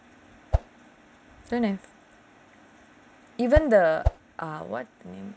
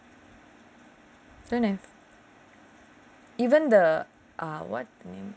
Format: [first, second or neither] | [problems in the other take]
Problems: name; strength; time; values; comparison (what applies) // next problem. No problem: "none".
second | background sound (Whoosh, swoosh, swish); 2 dB above the speech